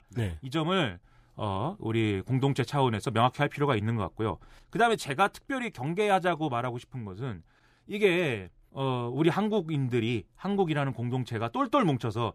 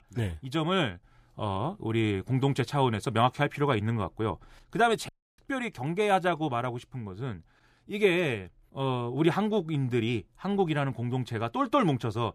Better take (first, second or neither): first